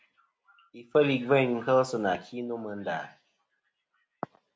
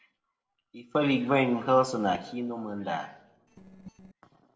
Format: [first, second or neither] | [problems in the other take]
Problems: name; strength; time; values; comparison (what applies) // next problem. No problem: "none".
first | noise reduction (neural separator model SepFormer DNS4)